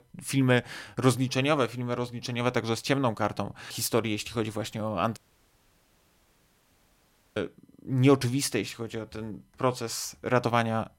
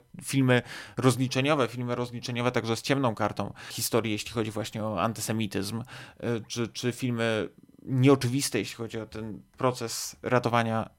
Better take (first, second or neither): second